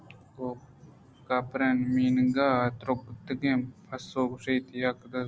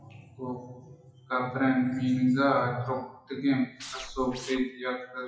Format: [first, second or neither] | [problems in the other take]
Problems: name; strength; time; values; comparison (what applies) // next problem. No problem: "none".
first | noise reduction (classical method WPE with log-MMSE)